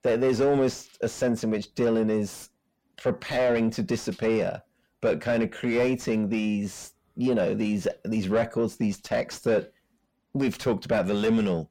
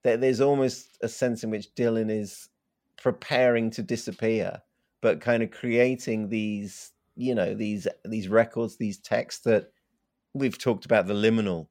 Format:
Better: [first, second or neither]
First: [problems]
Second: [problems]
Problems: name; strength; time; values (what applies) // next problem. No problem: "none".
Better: second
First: distortion; heavy; 8 dB below the speech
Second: none